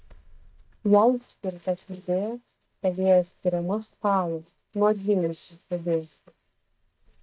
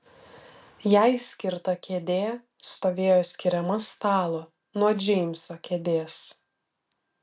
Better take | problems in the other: second | noise reduction (neural mask model DeepFilterNet 3)

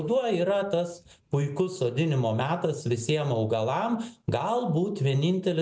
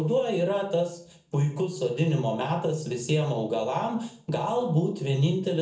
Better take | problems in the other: first | room echo; dies away in 0.4 s

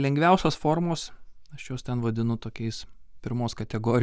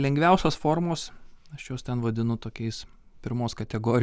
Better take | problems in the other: second | noise reduction (neural mask model DeepFilterNet 3)

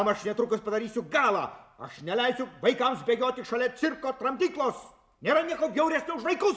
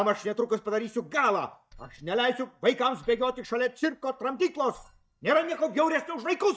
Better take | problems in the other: first | noise reduction (neural mask model DeepFilterNet 3)

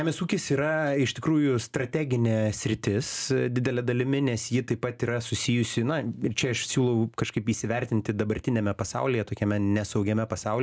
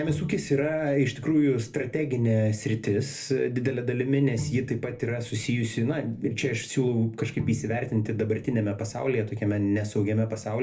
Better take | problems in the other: first | background sound (Bowed string instrument); 14 dB below the speech // room echo; dies away in 0.3 s

